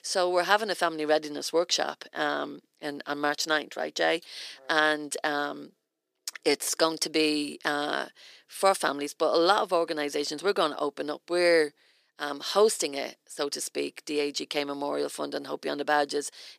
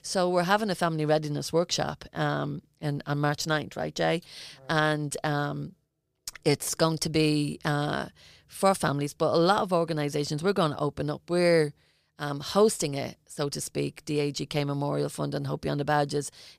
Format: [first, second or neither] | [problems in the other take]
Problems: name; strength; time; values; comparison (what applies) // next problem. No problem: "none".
second | thin; somewhat; fading below 300 Hz